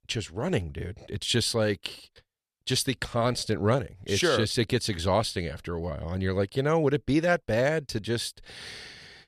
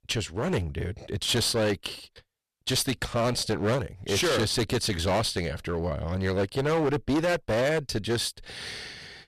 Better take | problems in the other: first | distortion; heavy; 15% of the sound clipped

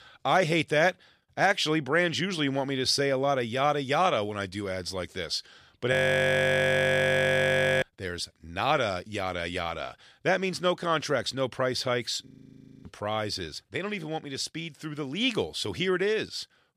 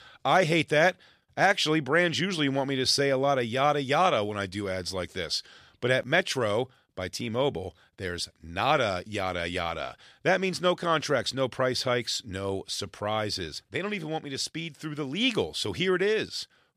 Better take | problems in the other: second | audio freezing; at 6 s for 2 s and at 12 s for 0.5 s

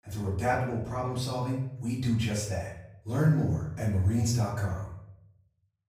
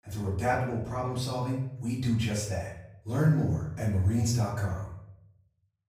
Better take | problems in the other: neither | off-mic speech; far; the same in both // room echo; noticeable; dies away in 0.7 s; the same in both

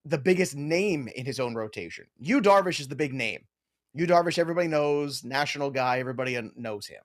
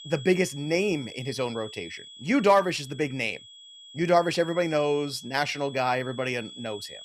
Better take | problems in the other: first | high-pitched whine; noticeable; throughout; 3.5 kHz, 15 dB below the speech

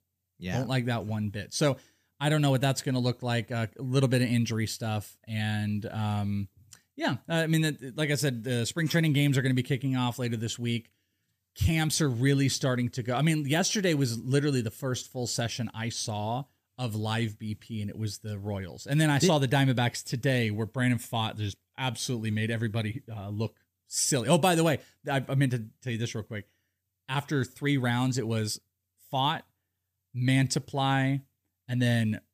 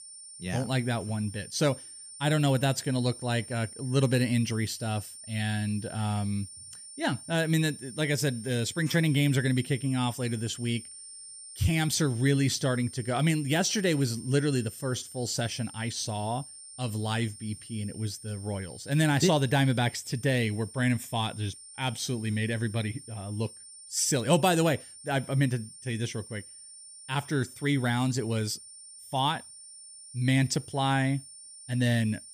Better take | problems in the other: first | high-pitched whine; noticeable; throughout; 9 kHz, 15 dB below the speech

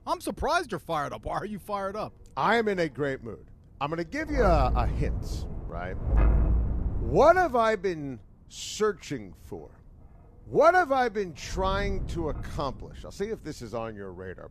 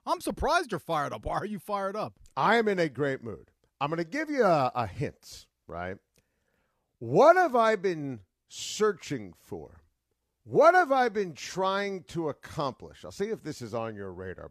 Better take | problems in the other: second | wind noise on the microphone; occasional gusts; 15 dB below the speech

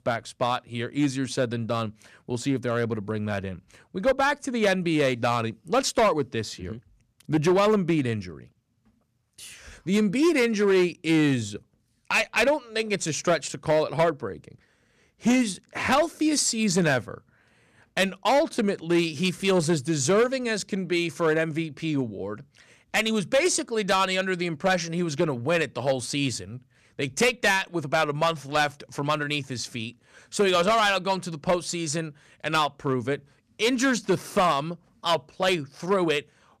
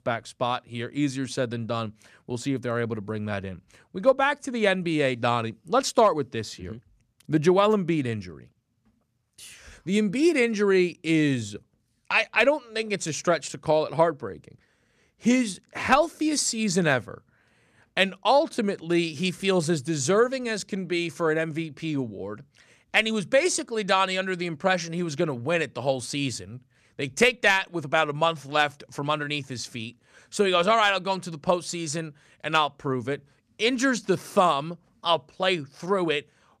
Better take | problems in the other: second | distortion; slight; 4% of the sound clipped

